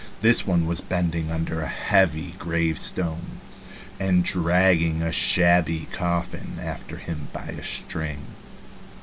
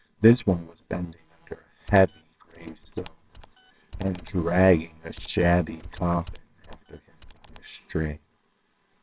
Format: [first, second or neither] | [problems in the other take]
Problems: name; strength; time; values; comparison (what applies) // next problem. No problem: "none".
first | noise reduction (neural separator model SepFormer WHAMR!)